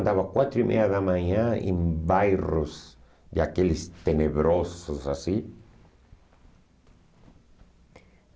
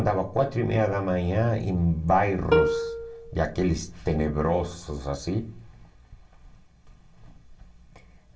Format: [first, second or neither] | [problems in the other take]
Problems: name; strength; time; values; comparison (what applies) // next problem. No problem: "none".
first | background sound (Plucked string instrument); 1 dB below the speech // room echo; dies away in 0.2 s